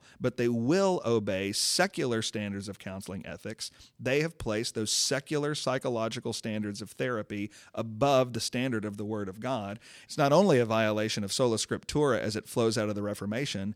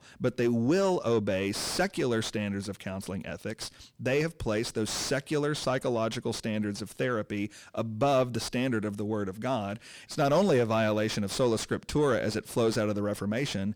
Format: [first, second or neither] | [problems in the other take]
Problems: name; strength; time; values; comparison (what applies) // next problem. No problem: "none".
first | distortion; slight; 9 dB below the speech